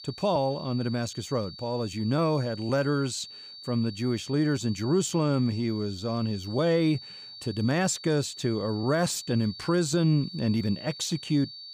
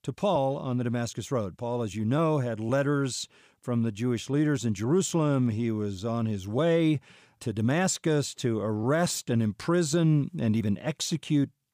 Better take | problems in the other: second | high-pitched whine; noticeable; throughout; 4.5 kHz, 15 dB below the speech

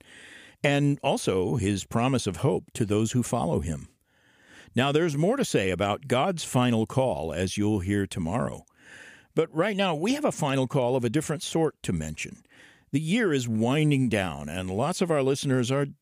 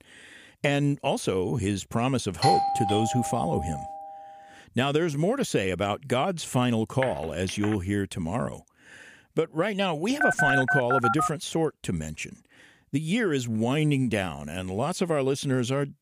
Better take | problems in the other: first | doorbell; loud; from 2.5 to 4 s; peak 4 dB above the speech // phone ringing; noticeable; at 7 s; peak 9 dB below the speech // phone ringing; loud; from 10 to 11 s; peak 5 dB above the speech

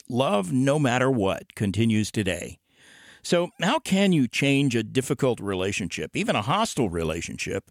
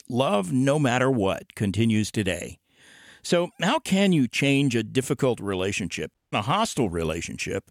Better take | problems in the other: first | audio cutting out; at 6 s

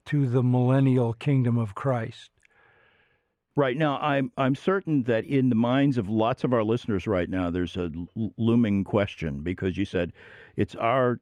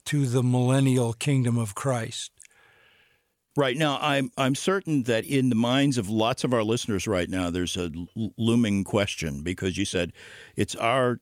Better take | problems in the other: second | muffled; very; fading above 4 kHz

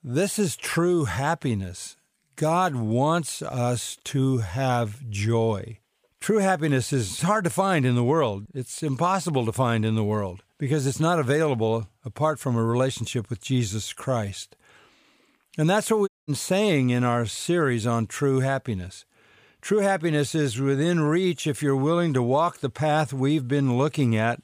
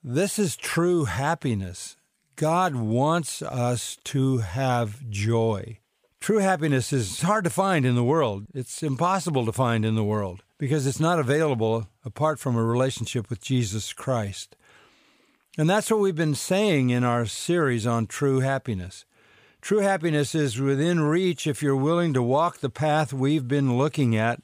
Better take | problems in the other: second | audio cutting out; at 16 s

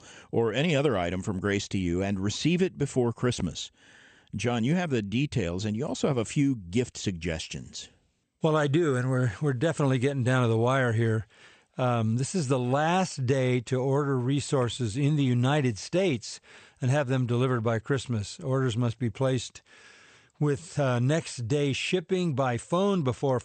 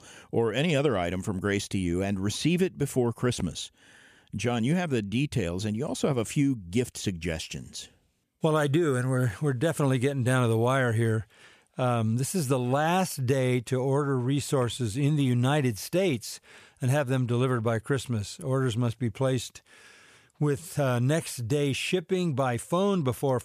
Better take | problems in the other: second | garbled, watery; slightly; nothing above 8.5 kHz

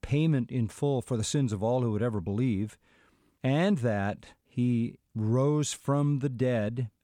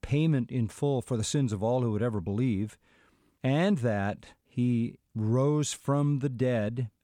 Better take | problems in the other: neither | none

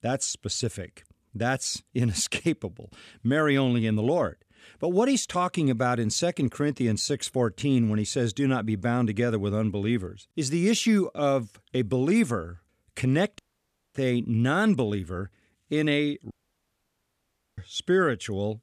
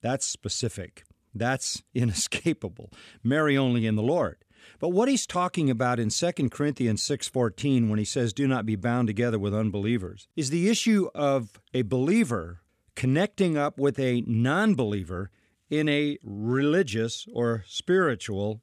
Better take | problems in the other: second | audio cutting out; at 13 s for 0.5 s and at 16 s for 1.5 s

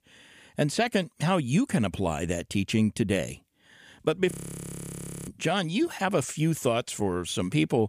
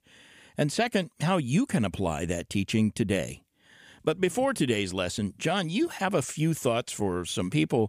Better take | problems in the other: second | audio freezing; at 4.5 s for 1 s

